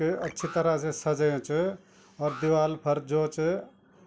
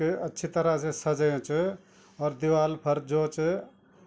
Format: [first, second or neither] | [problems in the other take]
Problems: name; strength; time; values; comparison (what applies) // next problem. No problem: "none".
second | background sound (Alarm + Marimba, xylophone); 20 dB below the speech